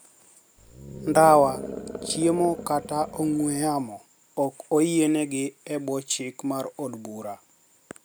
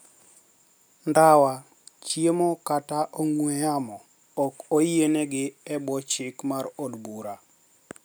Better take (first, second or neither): second